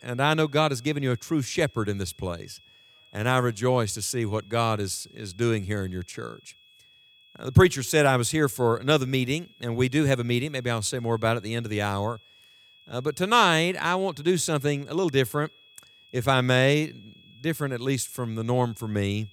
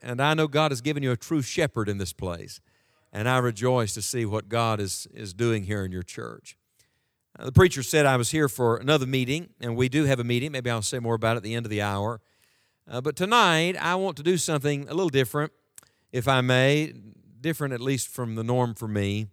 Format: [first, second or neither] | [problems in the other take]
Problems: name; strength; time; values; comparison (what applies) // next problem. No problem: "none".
second | high-pitched whine; faint; throughout; 3.5 kHz, 30 dB below the speech